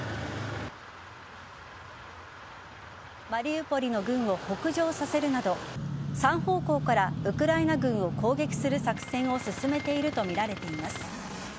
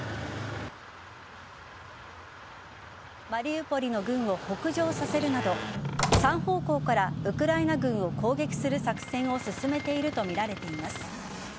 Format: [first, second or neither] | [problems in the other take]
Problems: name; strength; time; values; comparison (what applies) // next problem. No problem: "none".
first | background sound (Slam); 1 dB below the speech